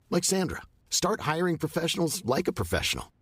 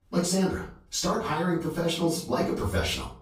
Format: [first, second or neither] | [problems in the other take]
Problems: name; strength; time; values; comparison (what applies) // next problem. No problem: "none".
first | room echo; noticeable; dies away in 0.4 s // off-mic speech; far